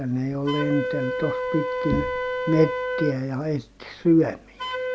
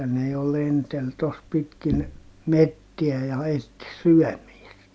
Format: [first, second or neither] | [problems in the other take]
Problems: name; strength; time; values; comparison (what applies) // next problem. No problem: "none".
second | background sound (Wind instrument, woodwind instrument); 5 dB below the speech